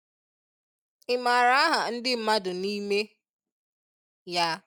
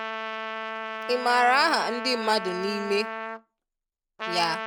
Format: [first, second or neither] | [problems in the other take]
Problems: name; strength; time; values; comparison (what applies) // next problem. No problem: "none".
first | background sound (Trumpet); 7 dB below the speech